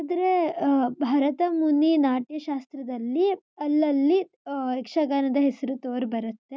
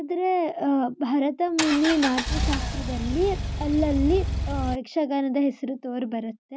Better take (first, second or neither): first